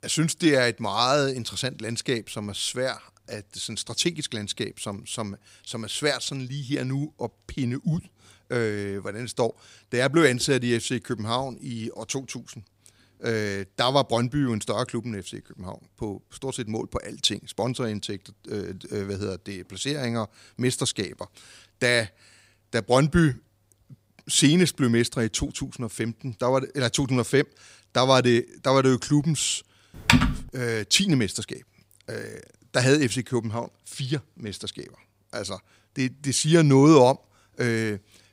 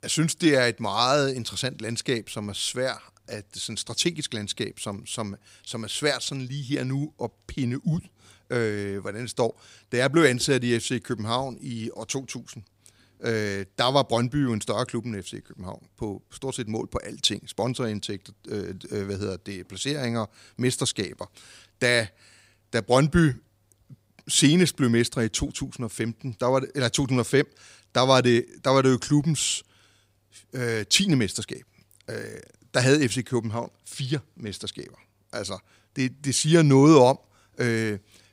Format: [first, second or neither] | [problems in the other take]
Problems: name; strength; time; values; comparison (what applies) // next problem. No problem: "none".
second | keyboard typing; loud; at 30 s; peak 5 dB above the speech